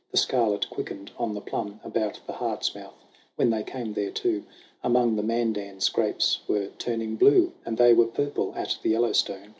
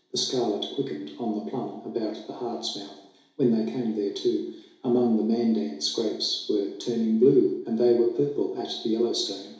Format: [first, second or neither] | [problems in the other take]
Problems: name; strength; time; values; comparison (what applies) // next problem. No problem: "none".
first | room echo; dies away in 0.7 s